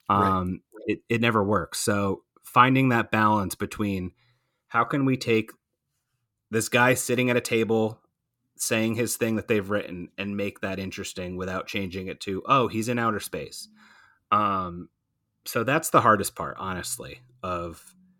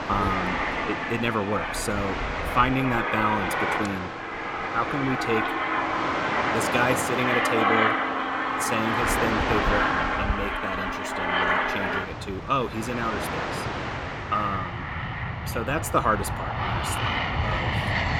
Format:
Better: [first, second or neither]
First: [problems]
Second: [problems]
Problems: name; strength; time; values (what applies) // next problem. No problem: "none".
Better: first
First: none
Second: train or aircraft noise; very loud; throughout; 2 dB above the speech